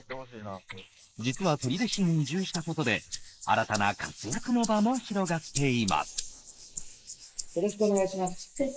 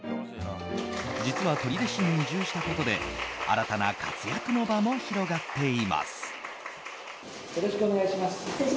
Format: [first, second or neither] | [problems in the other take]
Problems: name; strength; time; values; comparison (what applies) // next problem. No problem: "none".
second | noise reduction (neural mask model Resemble Enhance denoiser)